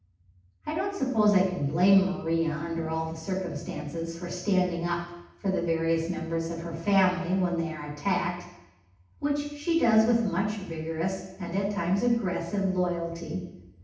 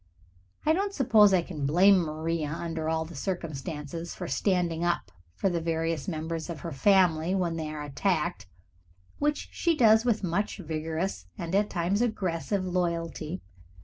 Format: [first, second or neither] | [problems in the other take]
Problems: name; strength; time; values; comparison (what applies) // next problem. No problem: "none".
second | room echo; dies away in 0.9 s